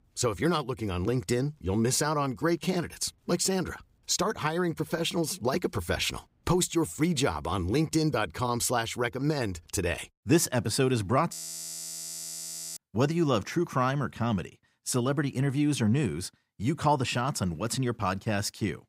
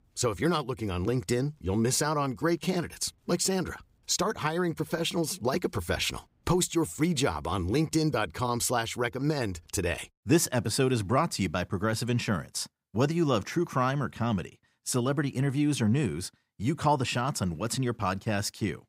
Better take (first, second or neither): second